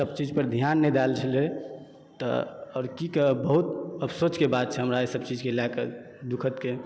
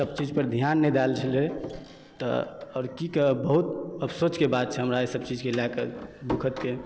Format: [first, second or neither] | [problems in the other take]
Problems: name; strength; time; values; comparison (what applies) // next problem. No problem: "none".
first | background sound (Door); 16 dB below the speech